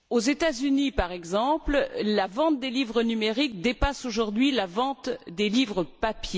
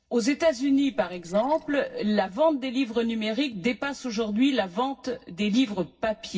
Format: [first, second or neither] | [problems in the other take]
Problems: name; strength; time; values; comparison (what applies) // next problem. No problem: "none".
first | noise reduction (neural separator model SepFormer DNS4)